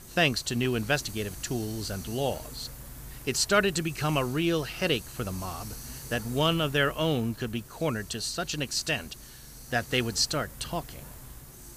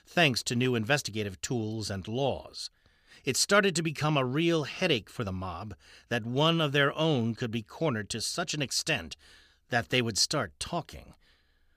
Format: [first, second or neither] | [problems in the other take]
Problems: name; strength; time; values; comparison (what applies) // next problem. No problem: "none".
second | hiss; noticeable; throughout; 15 dB below the speech